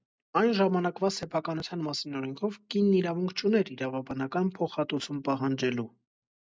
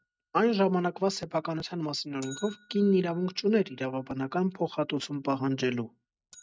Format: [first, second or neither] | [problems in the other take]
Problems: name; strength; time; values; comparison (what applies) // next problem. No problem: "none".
first | noise reduction (neural mask model RNNoise)